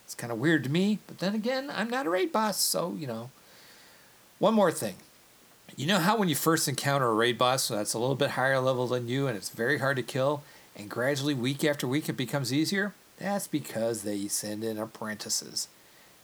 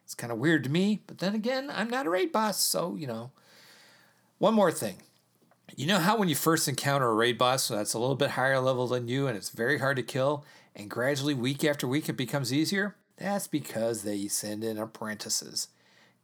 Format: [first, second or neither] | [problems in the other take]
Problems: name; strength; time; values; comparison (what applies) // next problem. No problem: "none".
second | hiss; faint; throughout; 25 dB below the speech